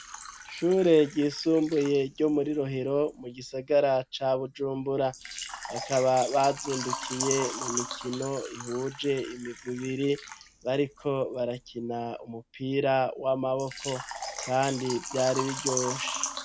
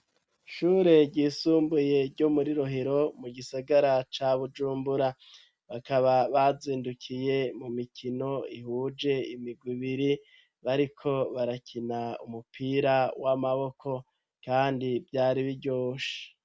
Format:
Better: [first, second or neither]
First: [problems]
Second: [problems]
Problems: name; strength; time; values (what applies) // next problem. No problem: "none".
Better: second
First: background sound (Water / Liquid); 11 dB below the speech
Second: none